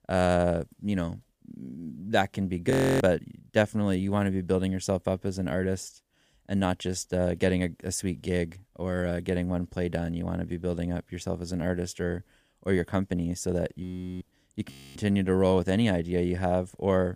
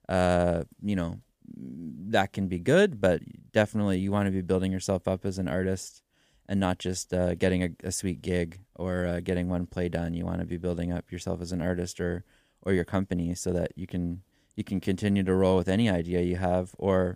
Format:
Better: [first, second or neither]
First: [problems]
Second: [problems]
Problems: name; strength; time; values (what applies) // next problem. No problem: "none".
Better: second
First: audio freezing; at 2.5 s, at 14 s and at 15 s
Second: none